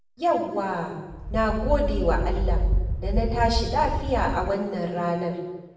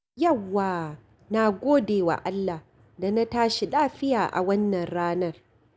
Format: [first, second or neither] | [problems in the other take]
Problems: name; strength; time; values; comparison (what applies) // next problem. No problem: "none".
second | background sound (Thunder / Wind); 1 dB above the speech // room echo; dies away in 1 s